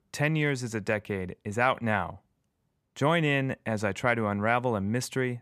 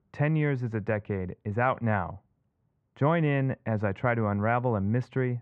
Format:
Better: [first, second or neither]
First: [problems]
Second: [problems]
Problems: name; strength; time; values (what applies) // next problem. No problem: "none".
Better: first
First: none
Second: muffled; very; fading above 1.5 kHz